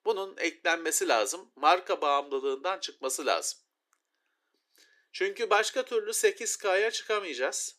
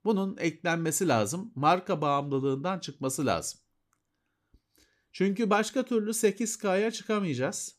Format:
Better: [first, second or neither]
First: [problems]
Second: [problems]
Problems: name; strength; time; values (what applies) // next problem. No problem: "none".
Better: second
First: thin; very; fading below 350 Hz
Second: none